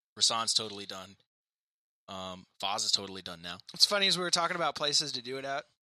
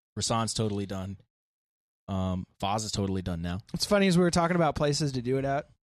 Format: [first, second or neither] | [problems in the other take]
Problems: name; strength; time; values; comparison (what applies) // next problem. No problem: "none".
second | thin; somewhat; fading below 1 kHz